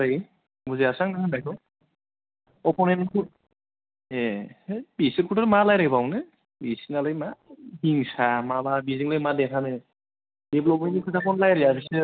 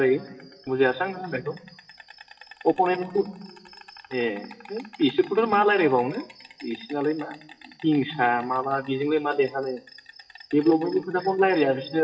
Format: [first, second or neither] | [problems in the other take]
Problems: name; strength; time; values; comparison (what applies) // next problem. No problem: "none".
first | noise reduction (classical method WPE with log-MMSE)